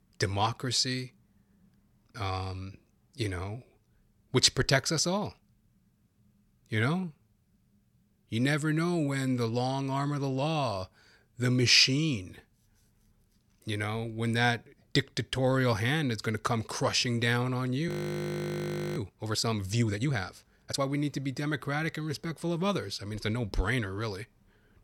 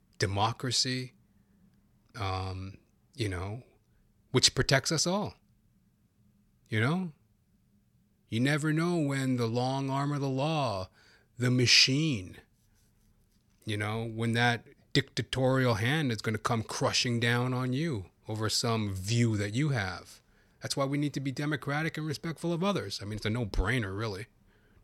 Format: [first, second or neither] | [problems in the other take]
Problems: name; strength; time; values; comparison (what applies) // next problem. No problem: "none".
second | audio freezing; at 18 s for 1 s